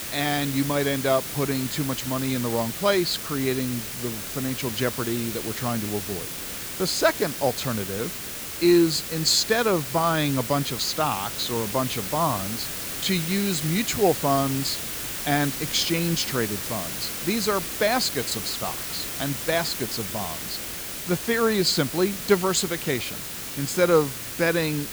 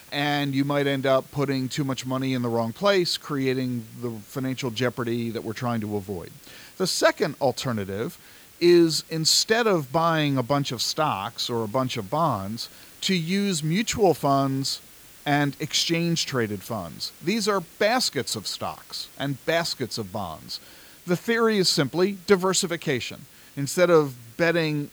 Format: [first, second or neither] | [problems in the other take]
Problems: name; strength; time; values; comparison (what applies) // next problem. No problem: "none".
second | hiss; loud; throughout; 5 dB below the speech; faint in the second